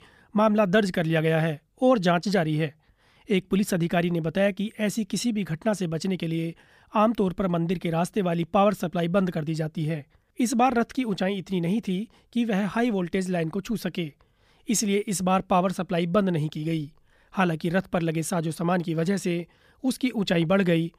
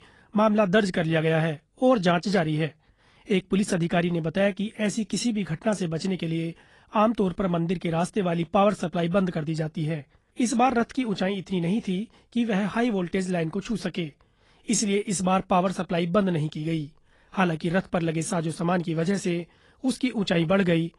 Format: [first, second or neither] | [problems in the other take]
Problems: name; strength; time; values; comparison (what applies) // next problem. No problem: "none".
first | garbled, watery; slightly; nothing above 10 kHz